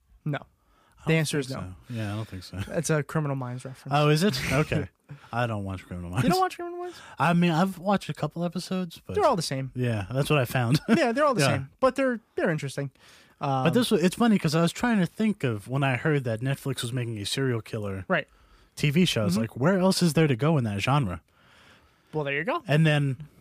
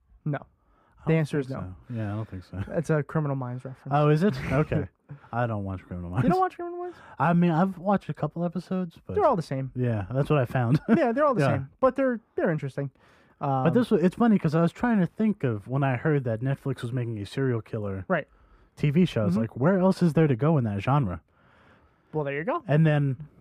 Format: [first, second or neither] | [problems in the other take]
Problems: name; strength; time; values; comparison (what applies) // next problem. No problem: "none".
first | muffled; slightly; fading above 2.5 kHz